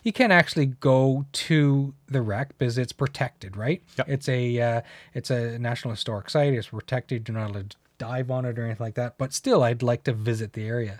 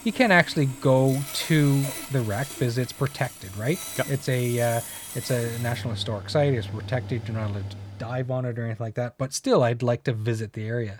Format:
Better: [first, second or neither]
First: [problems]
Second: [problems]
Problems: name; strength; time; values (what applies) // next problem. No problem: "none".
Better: first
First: none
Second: machinery noise; noticeable; until 8 s; 10 dB below the speech